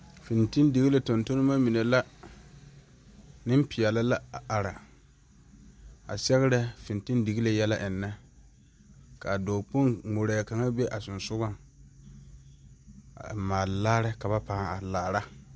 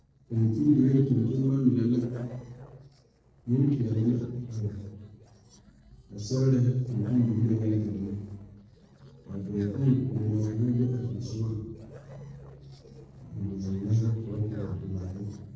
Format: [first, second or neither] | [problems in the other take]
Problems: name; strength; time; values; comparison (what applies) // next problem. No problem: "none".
first | noise reduction (neural separator model SepFormer DNS4)